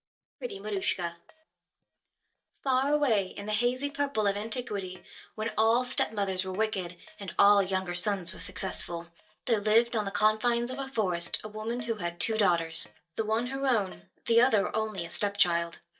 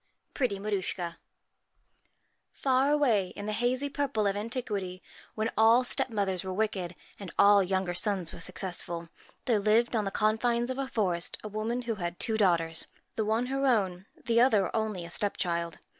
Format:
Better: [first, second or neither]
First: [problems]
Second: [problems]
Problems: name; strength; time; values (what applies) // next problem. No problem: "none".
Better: second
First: noise reduction (neural mask model DeepFilterNet 3)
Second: none